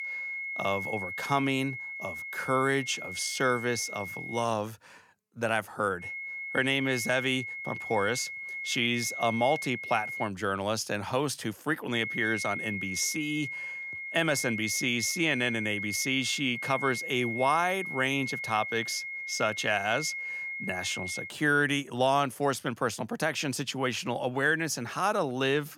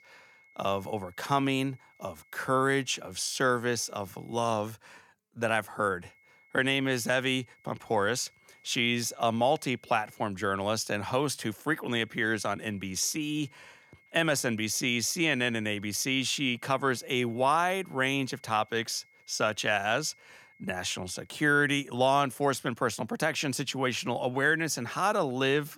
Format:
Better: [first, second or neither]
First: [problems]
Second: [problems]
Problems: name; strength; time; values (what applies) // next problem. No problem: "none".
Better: second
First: high-pitched whine; loud; until 4.5 s, from 6 to 10 s and from 12 to 21 s; 2 kHz, 6 dB below the speech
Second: high-pitched whine; faint; until 4.5 s, from 6 to 10 s and from 12 to 21 s; 2 kHz, 30 dB below the speech